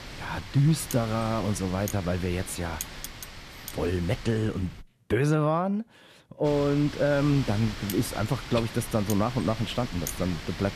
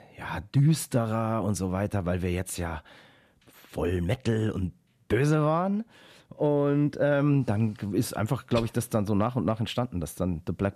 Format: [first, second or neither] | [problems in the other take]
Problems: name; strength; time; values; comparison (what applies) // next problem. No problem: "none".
second | wind noise on the microphone; heavy; until 5 s and from 6.5 s on; 9 dB below the speech